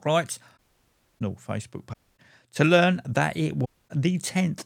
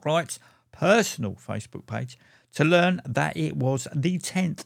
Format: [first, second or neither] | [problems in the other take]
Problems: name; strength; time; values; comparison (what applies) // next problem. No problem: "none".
second | audio cutting out; at 0.5 s for 0.5 s, at 2 s and at 3.5 s